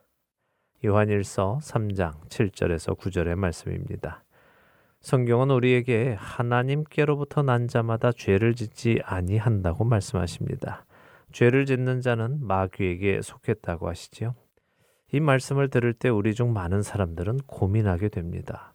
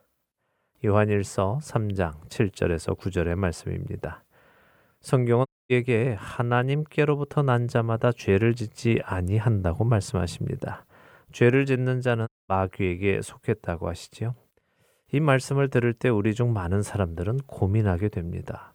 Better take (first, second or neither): first